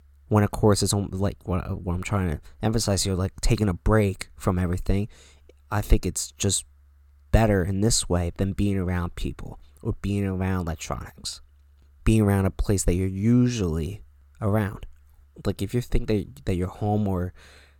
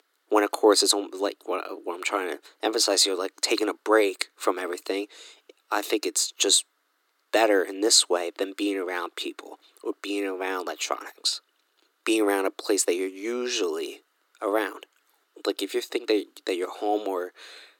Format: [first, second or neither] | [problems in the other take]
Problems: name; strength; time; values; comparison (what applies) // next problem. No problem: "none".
first | thin; very; fading below 300 Hz